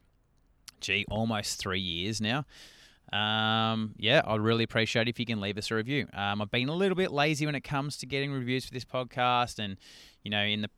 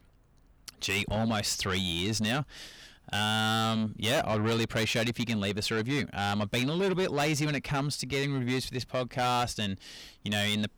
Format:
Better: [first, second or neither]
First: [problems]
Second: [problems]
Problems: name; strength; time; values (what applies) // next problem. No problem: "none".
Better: first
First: none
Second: distortion; heavy; 7 dB below the speech